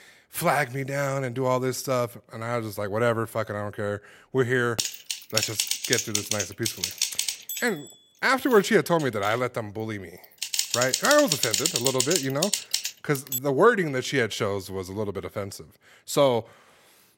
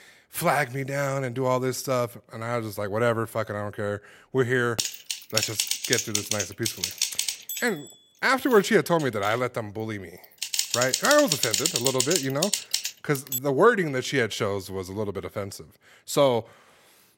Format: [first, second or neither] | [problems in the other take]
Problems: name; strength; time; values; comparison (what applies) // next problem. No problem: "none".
neither | keyboard typing; loud; from 5 to 13 s; peak 3 dB above the speech; the same in both